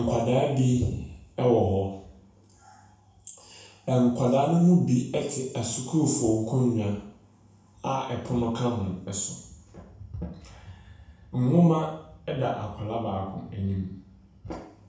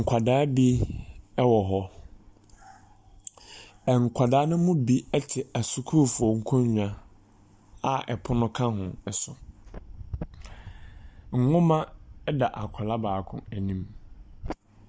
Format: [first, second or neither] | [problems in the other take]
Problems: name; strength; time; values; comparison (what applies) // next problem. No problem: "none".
second | room echo; dies away in 0.6 s